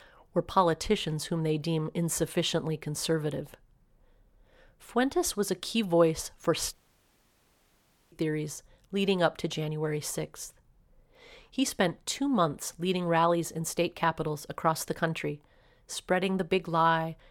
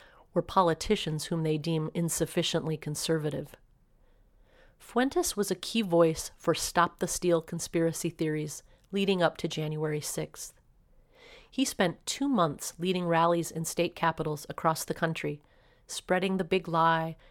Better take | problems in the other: second | audio cutting out; at 6.5 s for 1.5 s

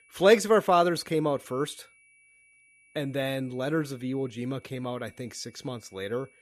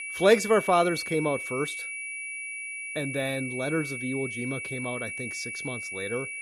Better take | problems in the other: first | high-pitched whine; loud; throughout; 2.5 kHz, 5 dB below the speech; faint in the first

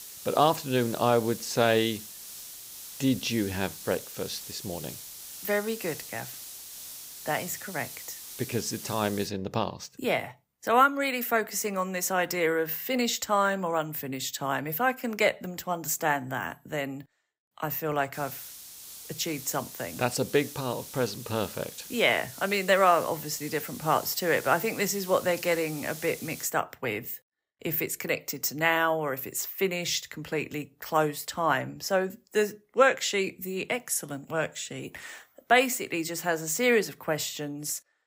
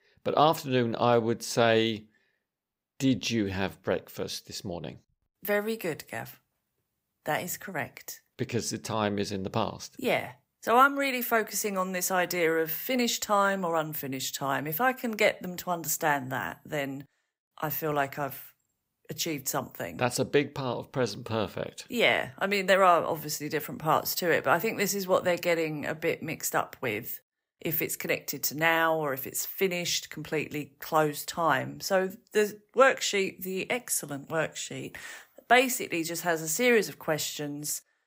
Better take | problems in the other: second | hiss; noticeable; until 9.5 s and from 18 to 26 s; 10 dB below the speech

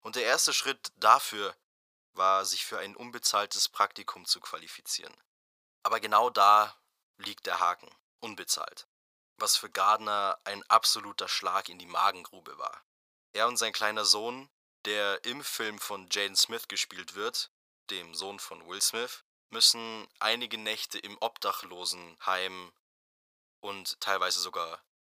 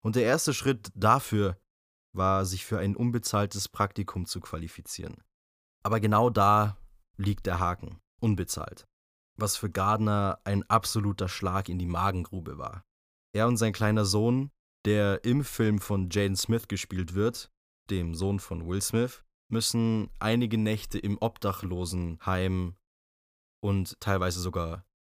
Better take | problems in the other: second | thin; very; fading below 850 Hz

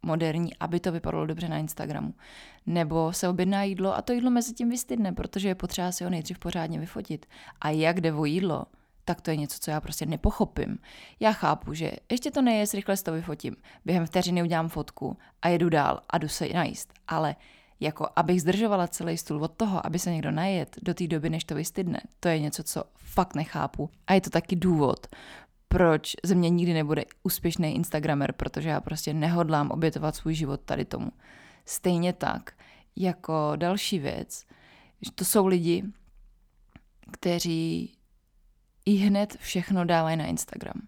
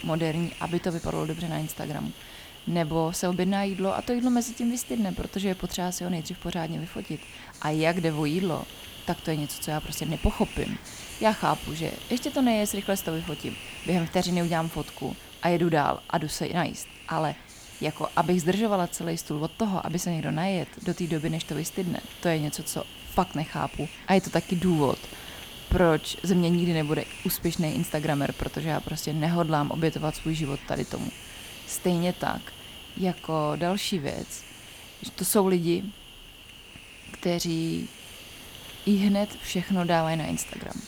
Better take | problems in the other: first | hiss; noticeable; throughout; 15 dB below the speech

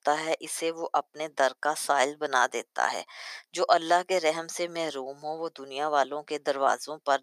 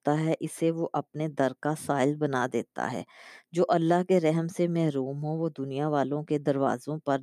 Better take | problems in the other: second | thin; very; fading below 850 Hz

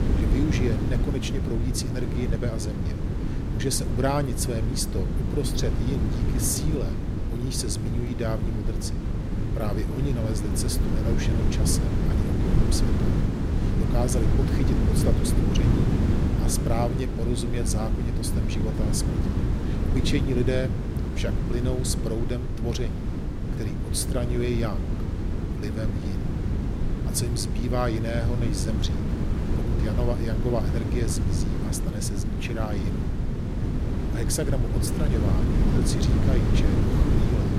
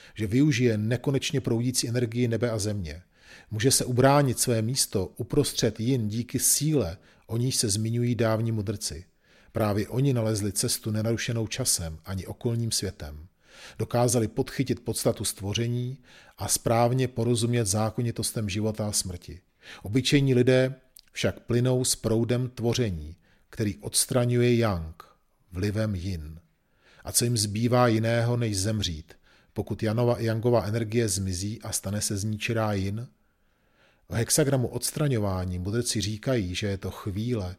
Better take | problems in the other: second | wind noise on the microphone; heavy; 2 dB below the speech

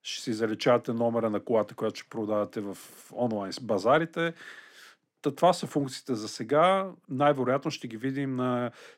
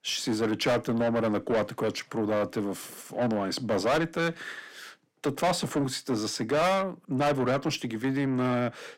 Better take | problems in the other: first | distortion; heavy; 6 dB below the speech

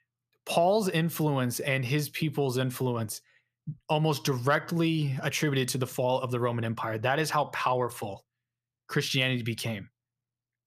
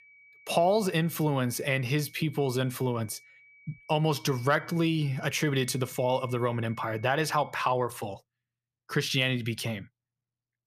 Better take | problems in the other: first | high-pitched whine; faint; until 7.5 s; 2 kHz, 25 dB below the speech

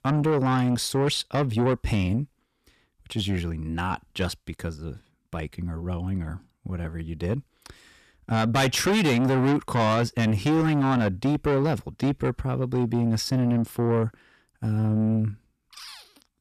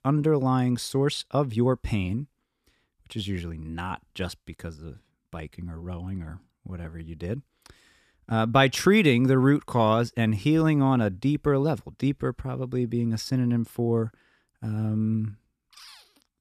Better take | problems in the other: second | distortion; heavy; 7 dB below the speech

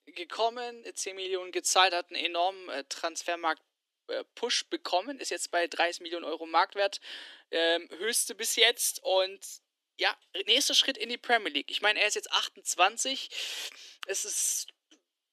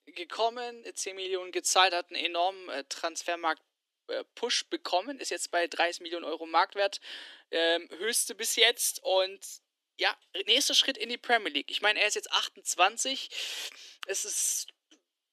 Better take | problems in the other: neither | thin; somewhat; fading below 300 Hz; the same in both

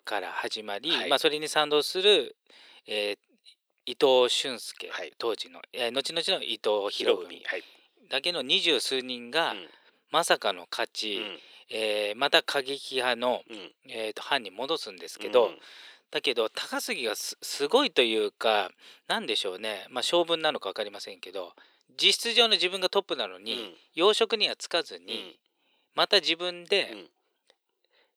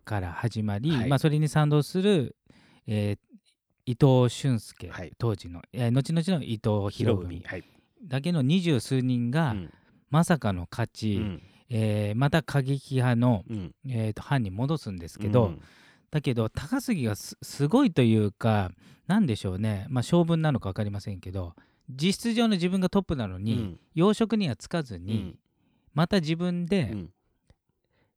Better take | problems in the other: second | thin; very; fading below 400 Hz

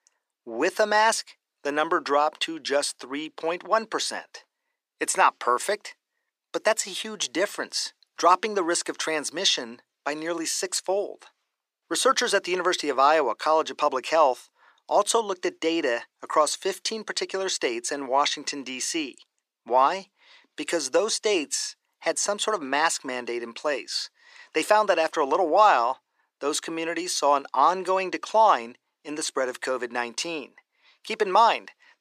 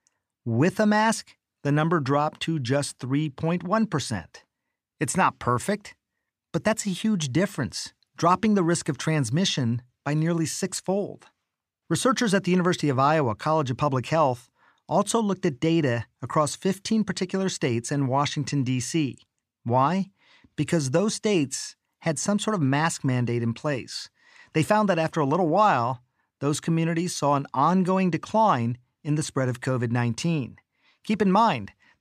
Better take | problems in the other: second | thin; very; fading below 400 Hz

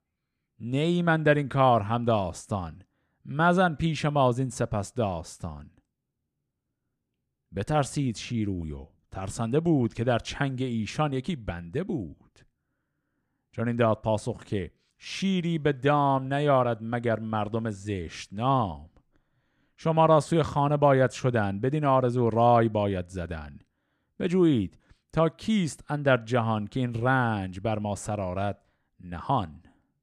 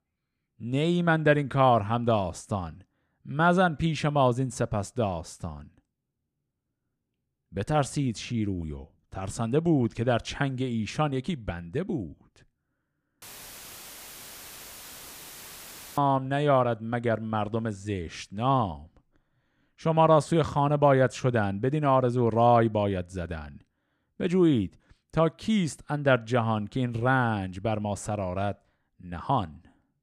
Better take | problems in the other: first | audio cutting out; filled with static; at 13 s for 3 s

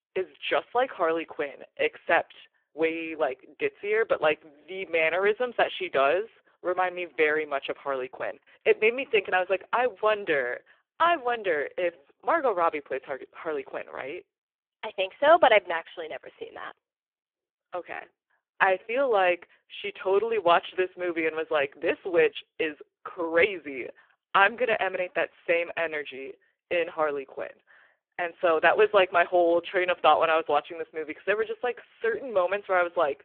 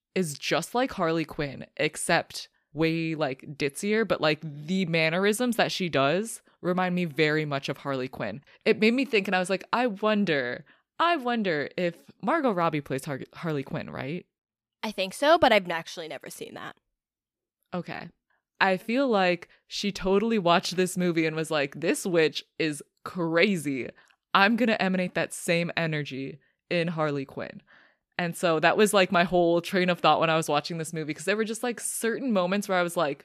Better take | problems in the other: second | phone-call audio; poor line

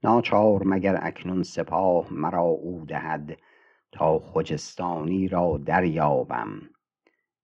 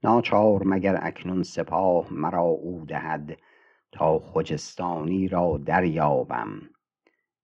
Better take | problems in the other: neither | muffled; very; fading above 3 kHz; the same in both

